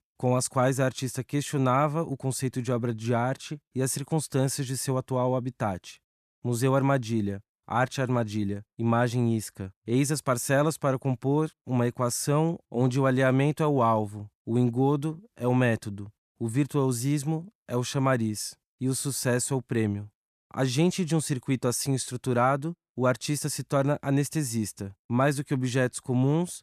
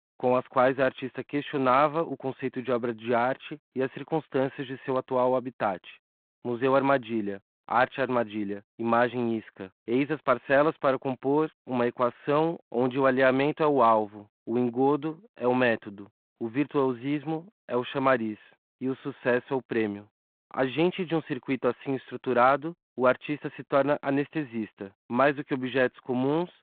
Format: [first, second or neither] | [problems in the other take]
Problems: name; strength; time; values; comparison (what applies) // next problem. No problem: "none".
first | phone-call audio; nothing above 4 kHz